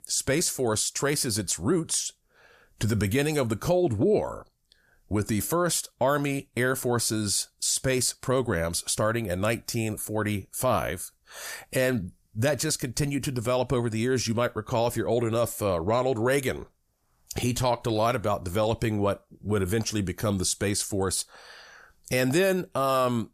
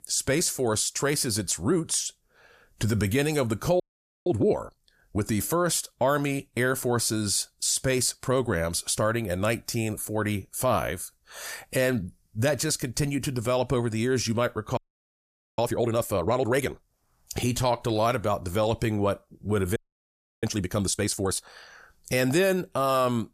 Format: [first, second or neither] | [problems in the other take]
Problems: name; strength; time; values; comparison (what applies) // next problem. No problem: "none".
first | audio freezing; at 4 s, at 15 s for 1 s and at 20 s for 0.5 s